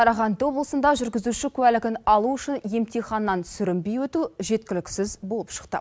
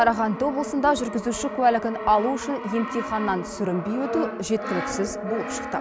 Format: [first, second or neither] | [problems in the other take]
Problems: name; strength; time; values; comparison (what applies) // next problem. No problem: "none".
first | background sound (Brass instrument); 8 dB below the speech